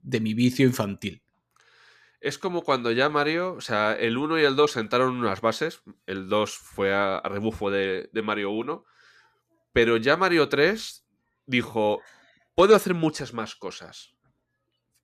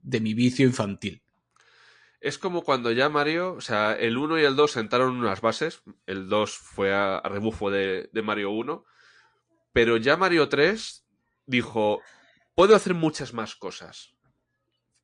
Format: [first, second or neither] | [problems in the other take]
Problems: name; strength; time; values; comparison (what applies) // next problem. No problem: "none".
first | garbled, watery; slightly